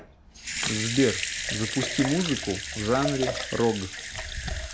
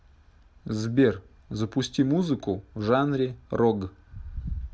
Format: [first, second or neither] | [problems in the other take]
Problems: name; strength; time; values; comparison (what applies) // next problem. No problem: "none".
second | background sound (Sink (filling or washing) / Water tap, faucet / Liquid); 4 dB below the speech